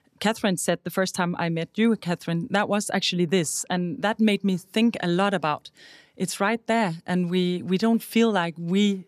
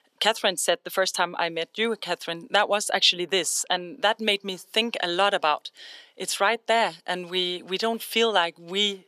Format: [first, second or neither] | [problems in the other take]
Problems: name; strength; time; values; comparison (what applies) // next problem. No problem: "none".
first | thin; very; fading below 550 Hz